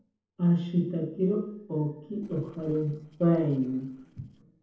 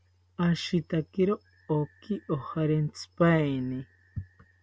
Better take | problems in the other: second | noise reduction (neural separator model SepFormer DNS4)

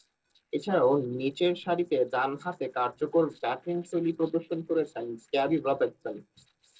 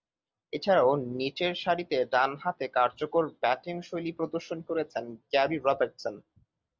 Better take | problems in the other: second | noise reduction (neural separator model SepFormer DNS4)

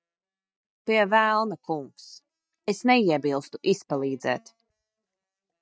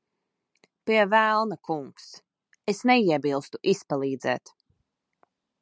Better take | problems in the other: second | noise reduction (neural mask model DeepFilterNet 3)

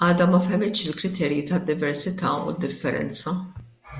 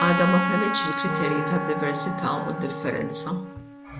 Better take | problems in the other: first | background sound (Wind instrument, woodwind instrument + Trumpet); 2 dB below the speech

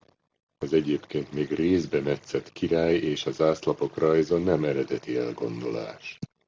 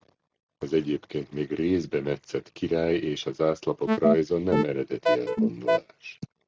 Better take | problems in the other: first | noise reduction (neural mask model RNNoise)

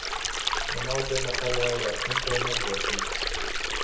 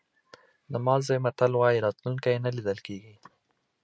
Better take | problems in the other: second | background sound (Stream); 5 dB above the speech // room echo; dies away in 0.7 s

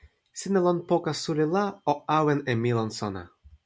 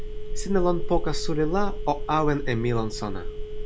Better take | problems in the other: first | background sound (Telephone); as loud as the speech

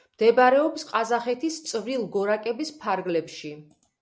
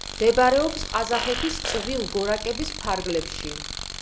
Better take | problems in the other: first | background sound (Fart + Tools); 7 dB below the speech

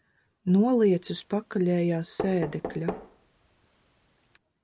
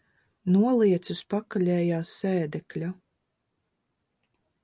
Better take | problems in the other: second | background sound (Knock); 12 dB below the speech

